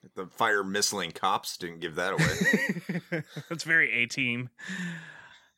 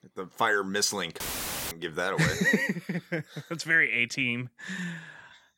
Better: first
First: none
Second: audio cutting out; filled with static; at 1 s for 0.5 s

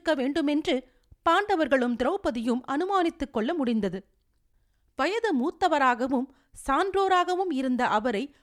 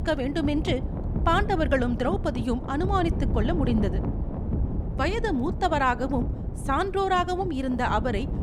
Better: first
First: none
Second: wind noise on the microphone; occasional gusts; 15 dB below the speech

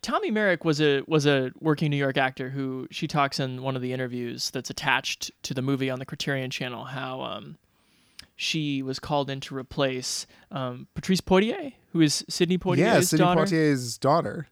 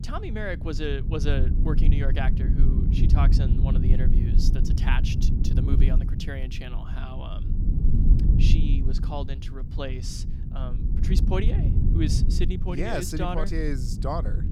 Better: first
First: none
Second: low rumble; loud; throughout; 5 dB below the speech

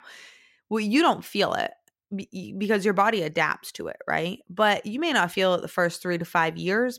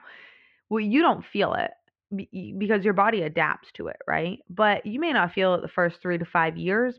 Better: first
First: none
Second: muffled; very; fading above 3 kHz

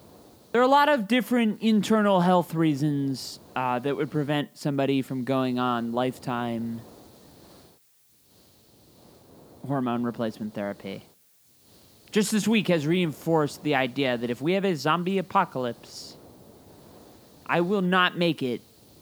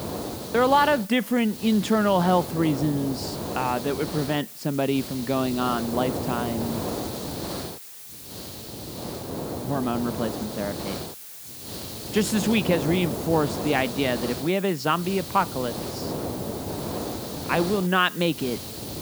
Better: first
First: hiss; faint; throughout; 25 dB below the speech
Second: hiss; loud; throughout; 8 dB below the speech

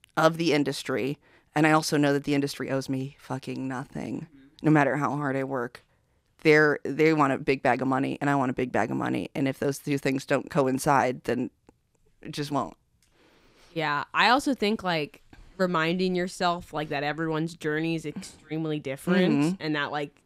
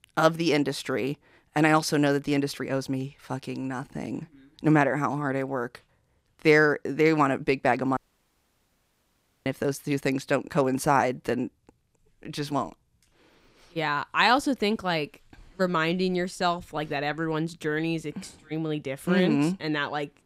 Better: first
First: none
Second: audio cutting out; at 8 s for 1.5 s

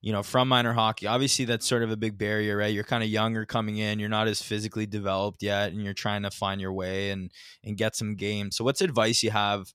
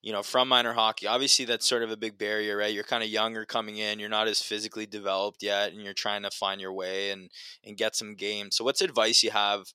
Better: first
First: none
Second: thin; somewhat; fading below 400 Hz

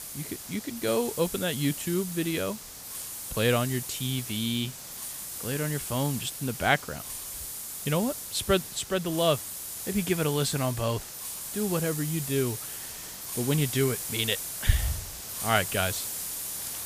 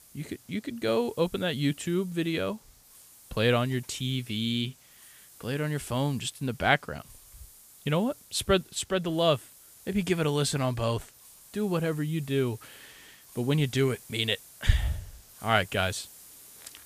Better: second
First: hiss; loud; throughout; 5 dB below the speech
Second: hiss; faint; throughout; 20 dB below the speech

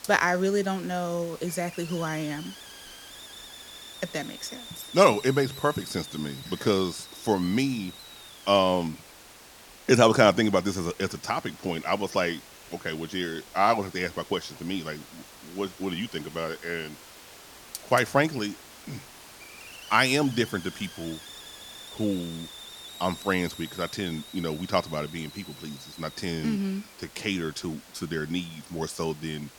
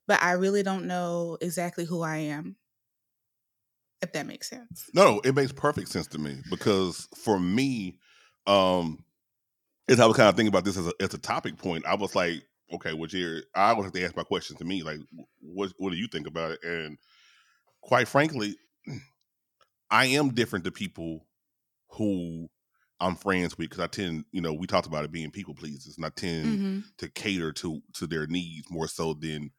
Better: second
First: hiss; noticeable; throughout; 15 dB below the speech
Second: none

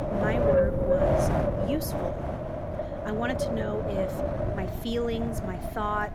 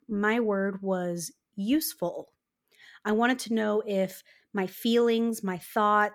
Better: second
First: wind noise on the microphone; heavy; 5 dB above the speech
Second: none

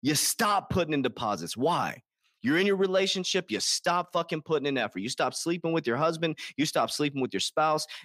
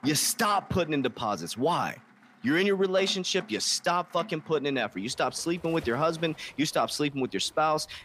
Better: first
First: none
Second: rain or running water; faint; throughout; 25 dB below the speech

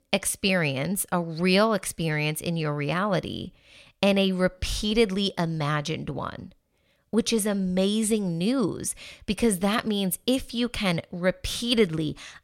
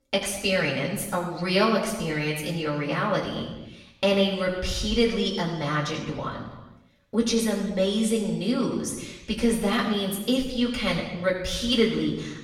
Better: first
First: none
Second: room echo; noticeable; dies away in 1 s // off-mic speech; far

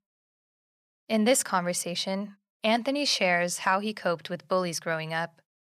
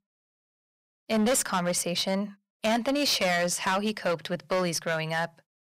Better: first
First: none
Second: distortion; heavy; 10% of the sound clipped

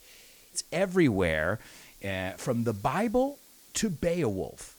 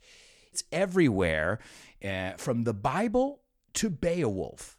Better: second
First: hiss; faint; throughout; 25 dB below the speech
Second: none

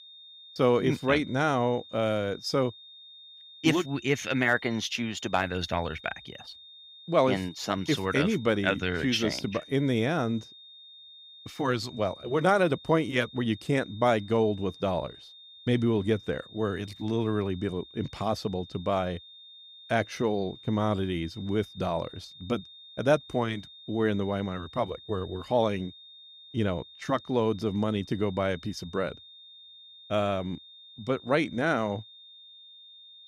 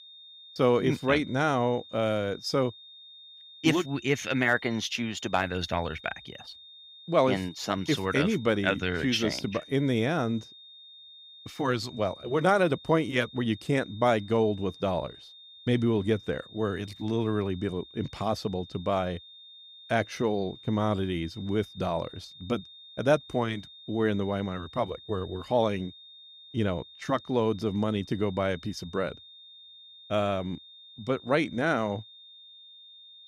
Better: neither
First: high-pitched whine; noticeable; throughout; 3.5 kHz, 20 dB below the speech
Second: high-pitched whine; noticeable; throughout; 3.5 kHz, 20 dB below the speech

